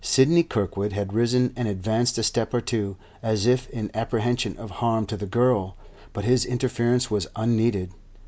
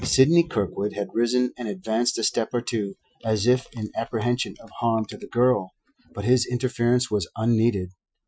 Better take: first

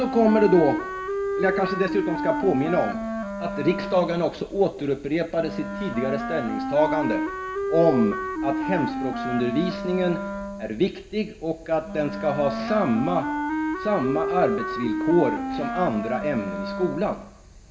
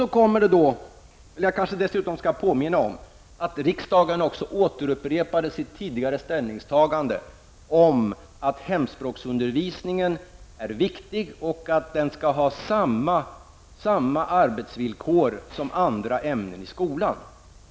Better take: second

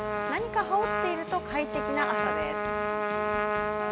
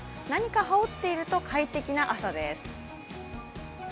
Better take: second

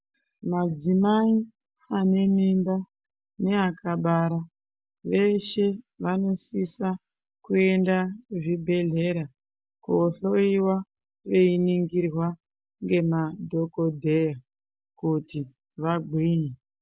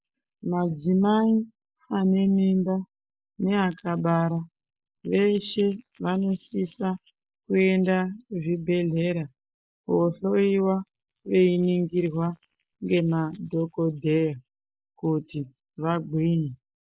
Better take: first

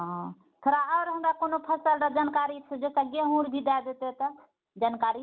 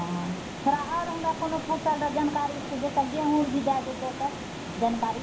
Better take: first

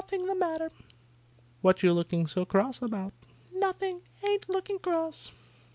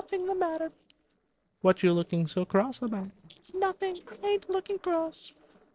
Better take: first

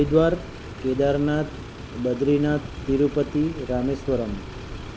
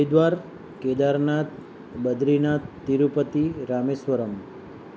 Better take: second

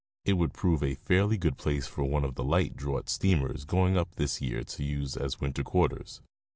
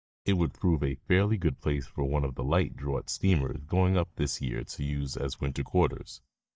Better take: first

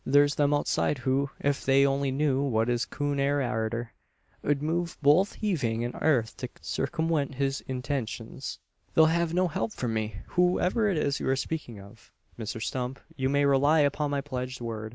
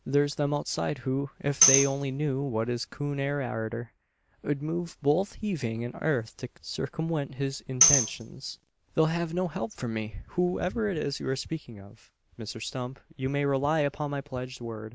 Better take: first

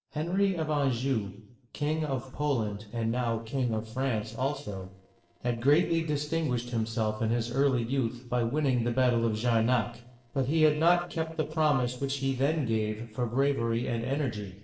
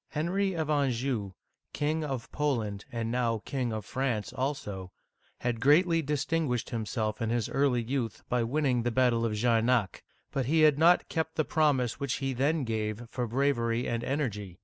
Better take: second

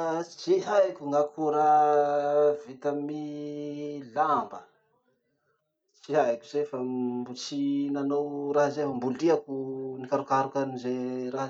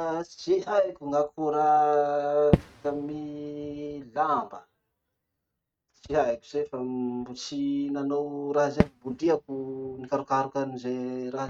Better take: first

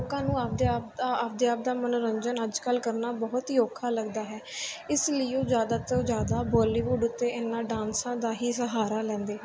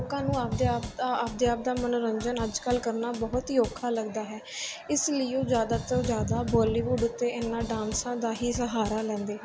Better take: first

